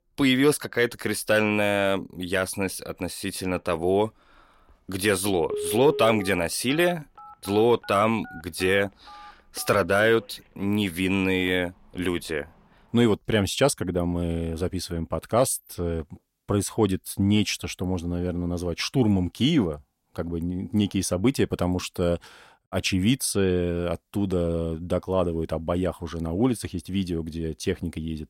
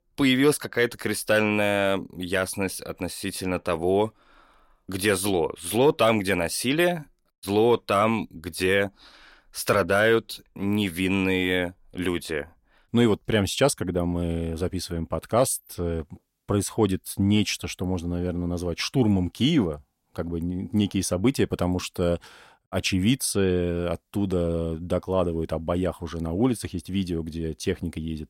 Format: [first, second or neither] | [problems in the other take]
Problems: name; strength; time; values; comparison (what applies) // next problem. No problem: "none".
second | phone ringing; noticeable; from 5.5 to 12 s; peak 5 dB below the speech